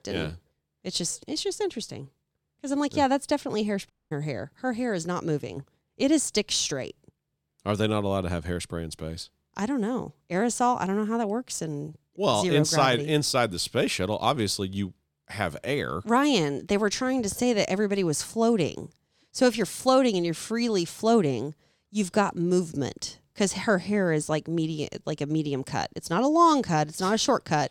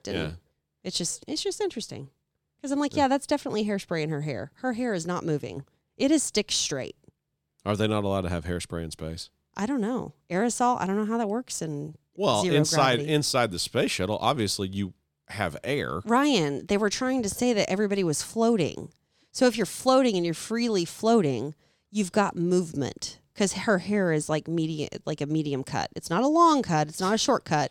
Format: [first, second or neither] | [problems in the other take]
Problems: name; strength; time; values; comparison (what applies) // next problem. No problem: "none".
second | audio cutting out; at 4 s